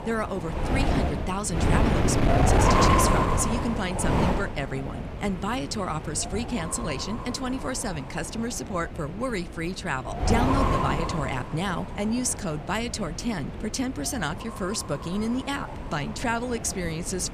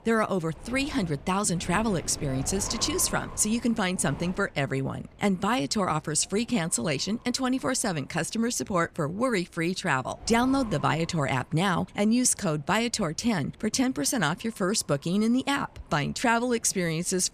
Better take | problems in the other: second | wind noise on the microphone; heavy; 2 dB above the speech; occasional gusts in the second

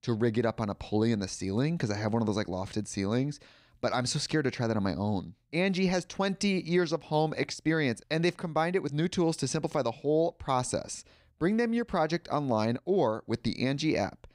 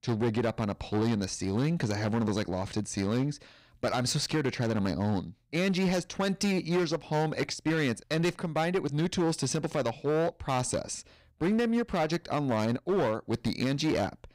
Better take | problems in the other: first | distortion; slight; 12% of the sound clipped

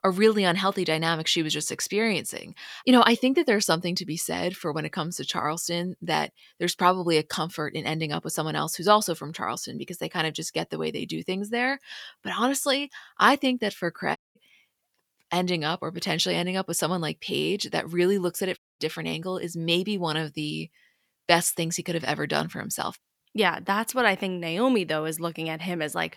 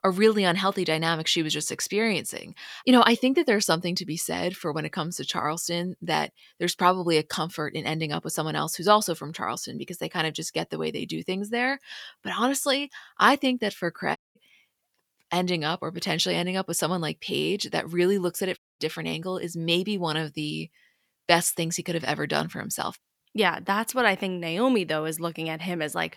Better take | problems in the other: neither | audio cutting out; at 14 s and at 19 s; the same in both

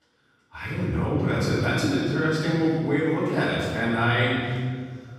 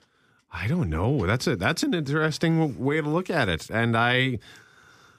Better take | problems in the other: second | off-mic speech; far // room echo; strong; dies away in 1.6 s

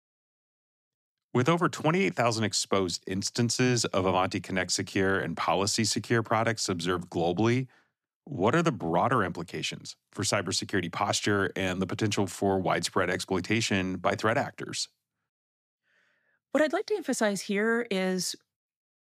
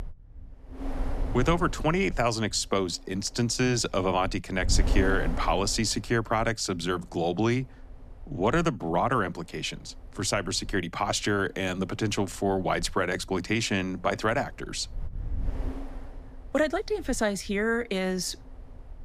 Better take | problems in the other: first | wind noise on the microphone; occasional gusts; 15 dB below the speech

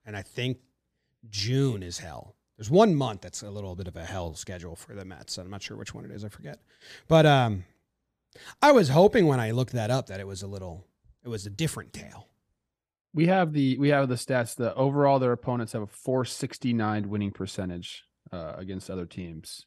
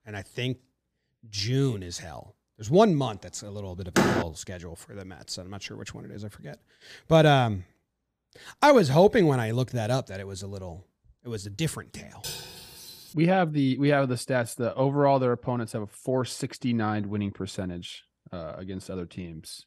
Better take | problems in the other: first | door banging; loud; at 4 s; peak 2 dB above the speech // clattering dishes; faint; at 12 s; peak 10 dB below the speech

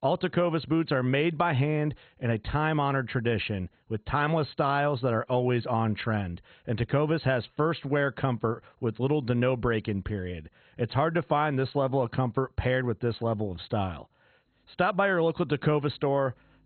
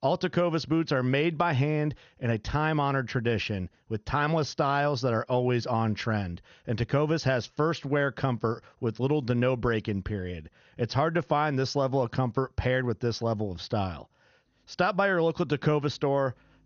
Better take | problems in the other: second | garbled, watery; badly; nothing above 4 kHz; slightly in the second

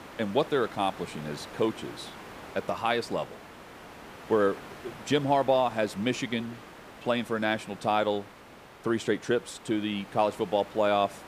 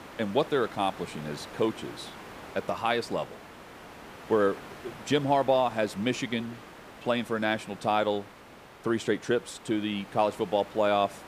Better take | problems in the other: neither | hiss; noticeable; throughout; 15 dB below the speech; the same in both

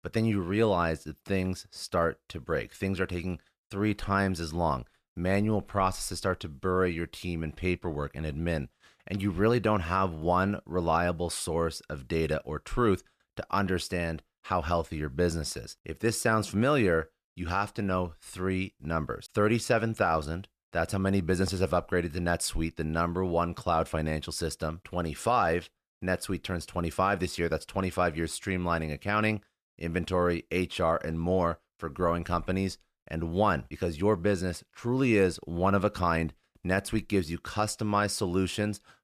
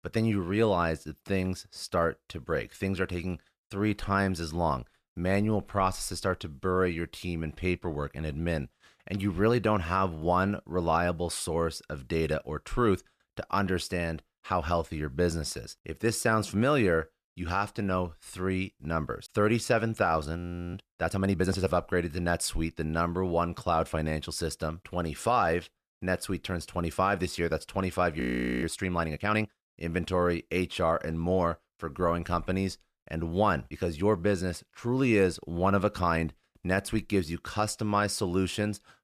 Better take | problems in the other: first | audio freezing; at 20 s and at 28 s

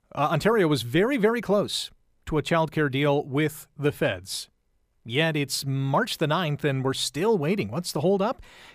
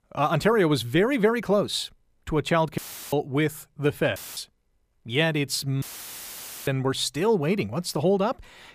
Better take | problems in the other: first | audio cutting out; filled with static; at 3 s, at 4 s and at 6 s for 1 s

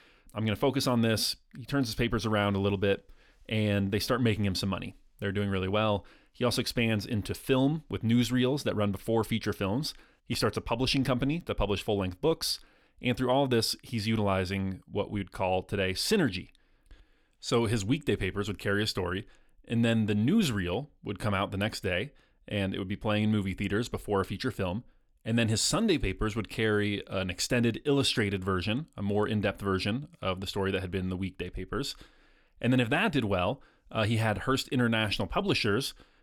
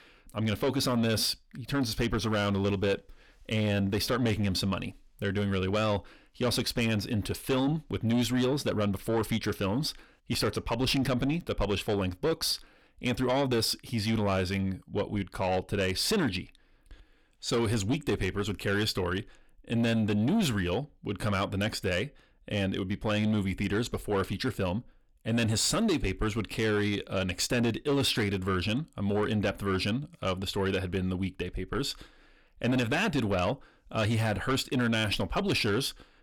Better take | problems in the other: first | distortion; slight; 10 dB below the speech

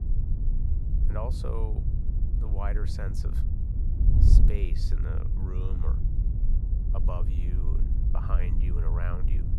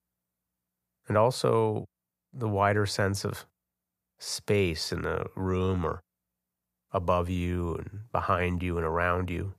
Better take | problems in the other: second | wind noise on the microphone; heavy; 3 dB below the speech

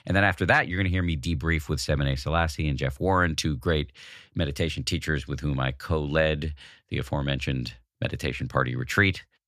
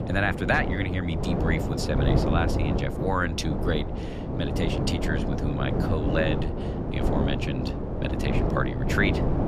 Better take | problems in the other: first | wind noise on the microphone; heavy; 3 dB below the speech

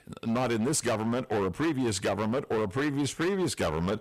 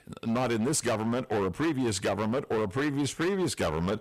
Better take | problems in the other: neither | distortion; heavy; 20% of the sound clipped; the same in both

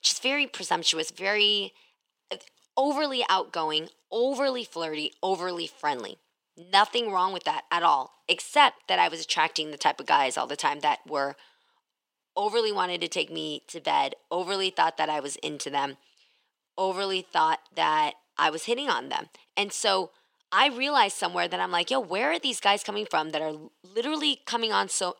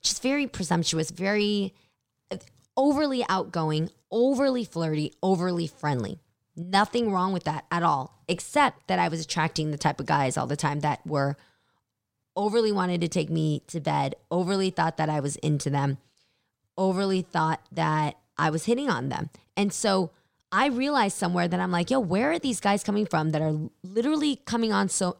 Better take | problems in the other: second | thin; somewhat; fading below 350 Hz

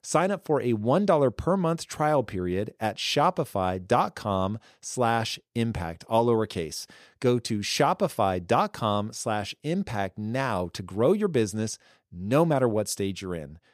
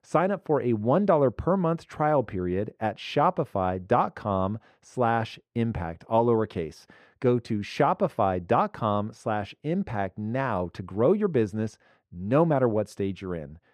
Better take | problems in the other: first | muffled; very; fading above 3.5 kHz

